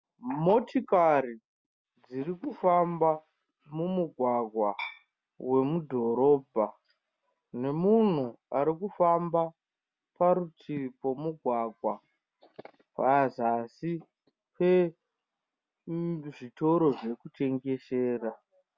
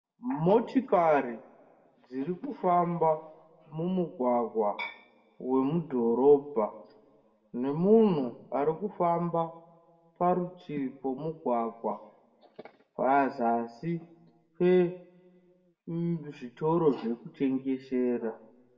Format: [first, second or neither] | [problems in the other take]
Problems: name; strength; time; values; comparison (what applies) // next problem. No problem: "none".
first | room echo; dies away in 0.7 s